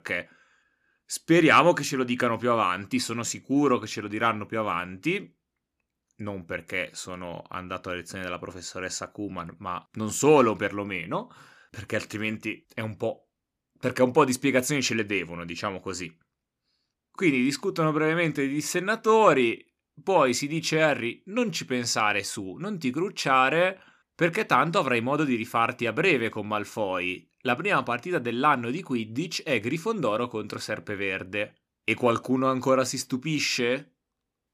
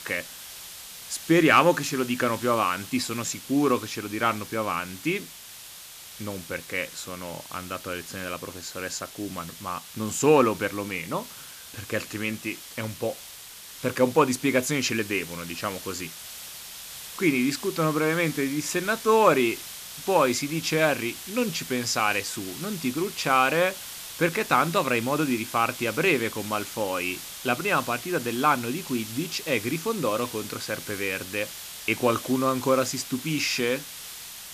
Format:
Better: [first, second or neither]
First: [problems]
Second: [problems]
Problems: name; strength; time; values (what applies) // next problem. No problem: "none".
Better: first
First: none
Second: hiss; noticeable; throughout; 10 dB below the speech